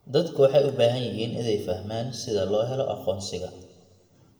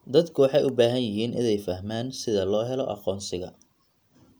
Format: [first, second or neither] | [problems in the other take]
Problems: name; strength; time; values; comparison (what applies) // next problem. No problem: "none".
second | room echo; dies away in 1.3 s